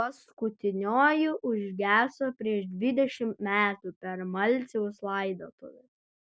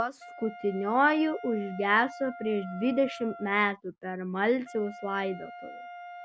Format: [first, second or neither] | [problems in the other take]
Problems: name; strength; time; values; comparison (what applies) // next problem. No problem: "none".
first | background sound (Wind instrument, woodwind instrument); 15 dB below the speech